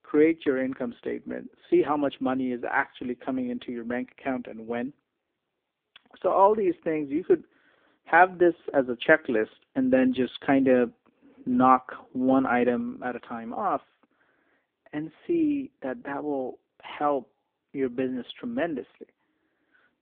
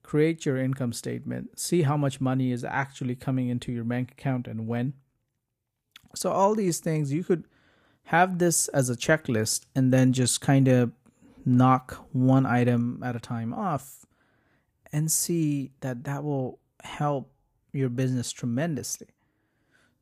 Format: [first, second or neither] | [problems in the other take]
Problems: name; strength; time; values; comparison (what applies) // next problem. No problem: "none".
second | phone-call audio; poor line; nothing above 3.5 kHz